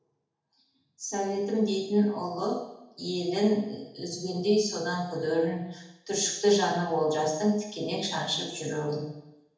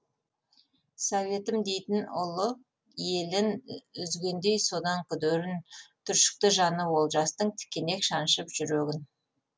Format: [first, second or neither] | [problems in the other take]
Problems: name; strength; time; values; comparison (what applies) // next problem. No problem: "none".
second | room echo; dies away in 0.8 s